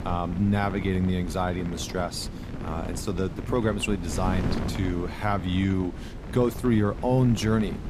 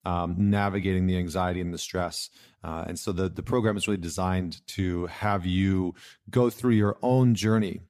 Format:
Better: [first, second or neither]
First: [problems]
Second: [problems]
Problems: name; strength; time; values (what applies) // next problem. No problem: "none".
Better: second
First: wind noise on the microphone; occasional gusts; 10 dB below the speech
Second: none